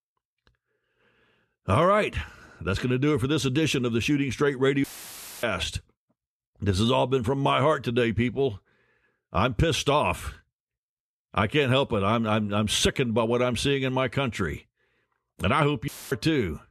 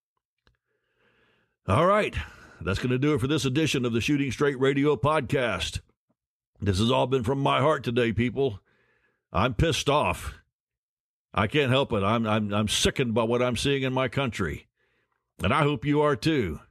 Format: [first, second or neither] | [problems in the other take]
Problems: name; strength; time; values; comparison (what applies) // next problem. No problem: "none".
second | audio cutting out; filled with static; at 5 s for 0.5 s and at 16 s